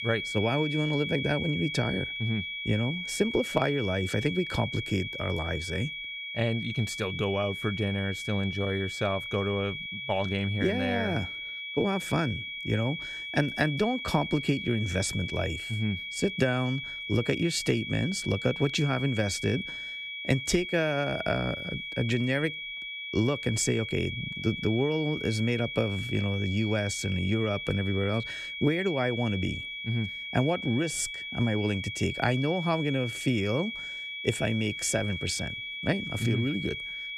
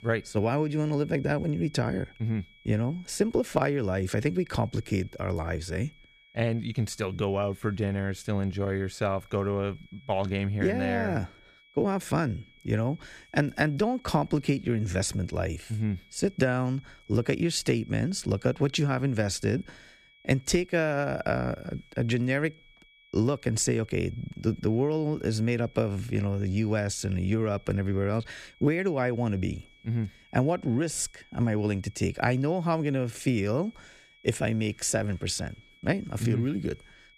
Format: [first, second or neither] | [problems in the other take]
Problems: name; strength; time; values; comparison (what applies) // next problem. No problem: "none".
second | high-pitched whine; loud; throughout; 2.5 kHz, 5 dB below the speech; faint in the second